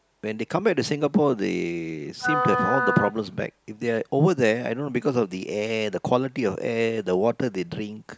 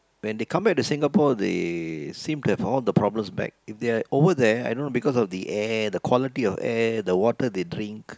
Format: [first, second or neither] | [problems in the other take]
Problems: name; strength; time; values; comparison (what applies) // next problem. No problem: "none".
second | background sound (Wind instrument, woodwind instrument); 2 dB below the speech